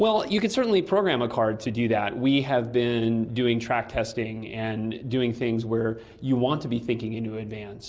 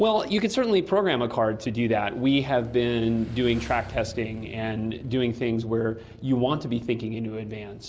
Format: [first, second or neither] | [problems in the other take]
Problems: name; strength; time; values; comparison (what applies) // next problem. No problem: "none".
first | background sound (Motorcycle / Engine); 19 dB below the speech